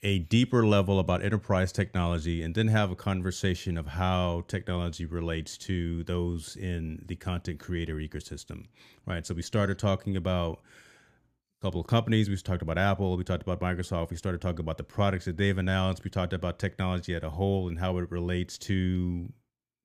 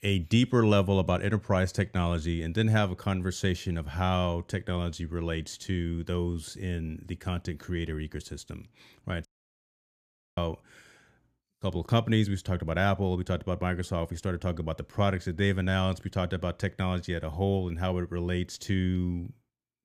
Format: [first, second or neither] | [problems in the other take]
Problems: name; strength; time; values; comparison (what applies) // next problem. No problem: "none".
first | audio cutting out; at 9.5 s for 1 s